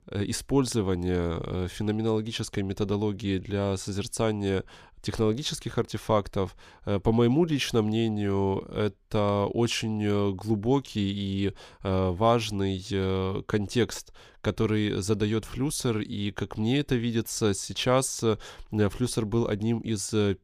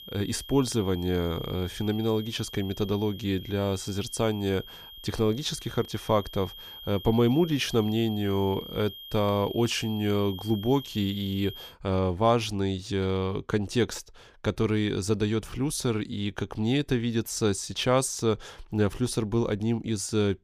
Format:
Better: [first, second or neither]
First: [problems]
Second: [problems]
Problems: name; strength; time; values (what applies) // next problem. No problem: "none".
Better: first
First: none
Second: high-pitched whine; noticeable; until 12 s; 3 kHz, 15 dB below the speech